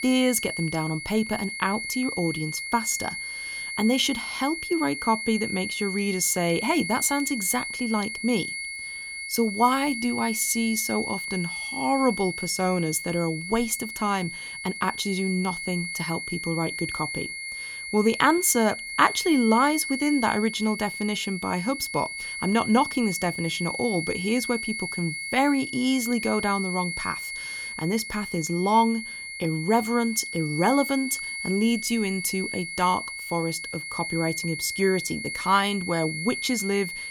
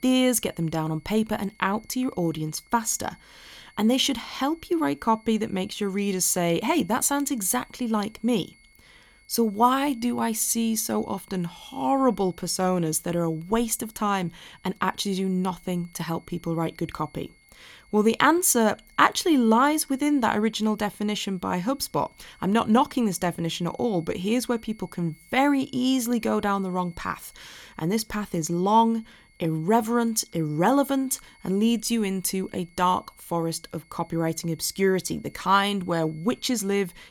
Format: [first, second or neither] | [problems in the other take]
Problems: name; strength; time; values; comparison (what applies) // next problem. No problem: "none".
second | high-pitched whine; loud; throughout; 2 kHz, 6 dB below the speech; faint in the second